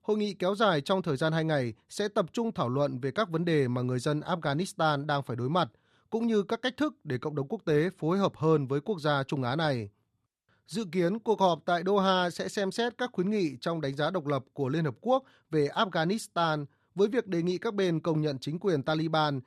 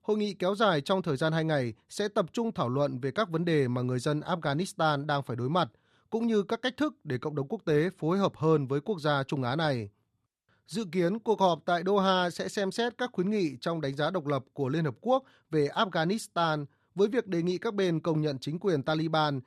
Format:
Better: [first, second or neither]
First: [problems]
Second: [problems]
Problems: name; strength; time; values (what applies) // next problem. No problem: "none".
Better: neither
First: none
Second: none